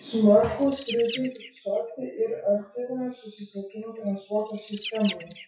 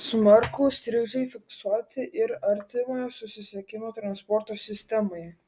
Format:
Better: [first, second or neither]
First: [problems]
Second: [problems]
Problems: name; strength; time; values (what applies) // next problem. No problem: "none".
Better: second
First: noise reduction (classical method WPE with log-MMSE)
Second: none